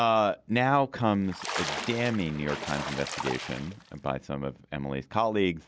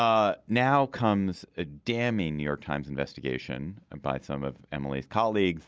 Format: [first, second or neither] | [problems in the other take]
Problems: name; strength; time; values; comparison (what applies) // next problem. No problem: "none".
second | background sound (Splash, splatter); 8 dB below the speech